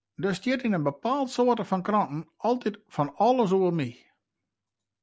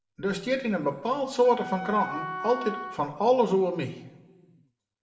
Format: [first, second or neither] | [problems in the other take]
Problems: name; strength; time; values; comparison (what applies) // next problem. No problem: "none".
first | background sound (Wind instrument, woodwind instrument); 8 dB below the speech // room echo; dies away in 0.9 s